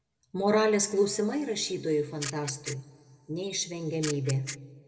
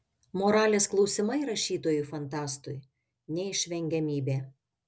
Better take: second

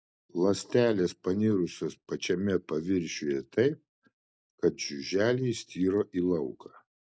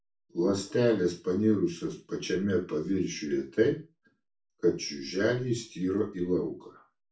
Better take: first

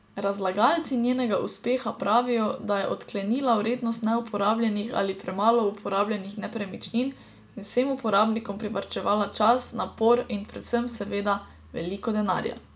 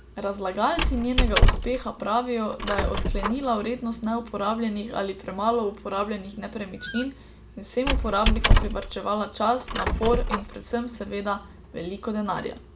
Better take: first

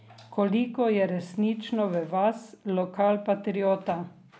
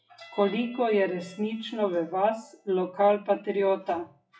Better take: first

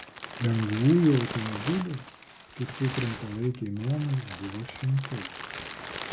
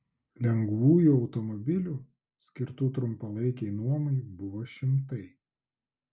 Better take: second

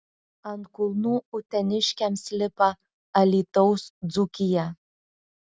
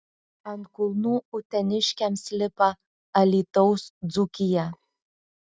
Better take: first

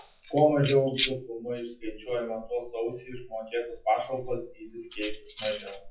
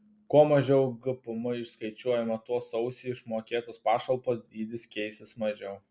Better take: second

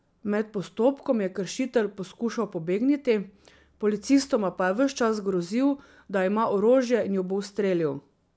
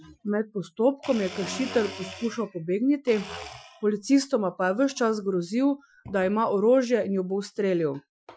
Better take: first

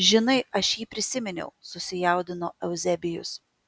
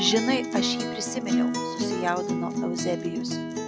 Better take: first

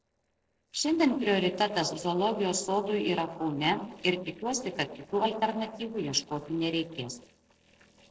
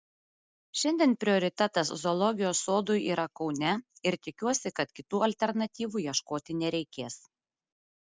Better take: second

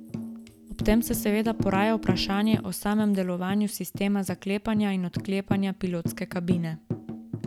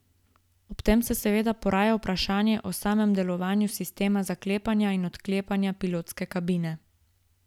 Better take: second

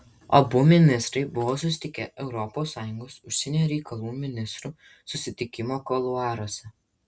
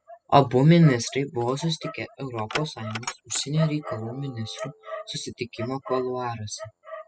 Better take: first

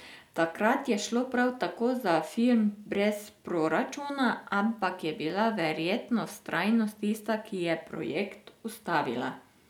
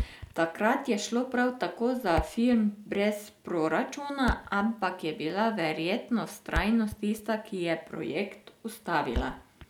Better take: first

